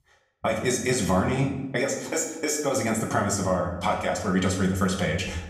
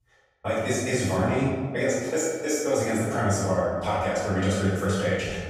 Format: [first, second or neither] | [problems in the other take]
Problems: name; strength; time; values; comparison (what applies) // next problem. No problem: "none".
first | room echo; strong; dies away in 1.4 s; slight in the first // off-mic speech; far; somewhat distant in the first